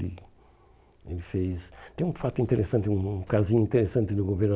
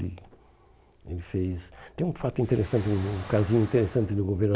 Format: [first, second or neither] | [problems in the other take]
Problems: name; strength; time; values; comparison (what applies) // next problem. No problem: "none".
first | background sound (Explosion); 17 dB below the speech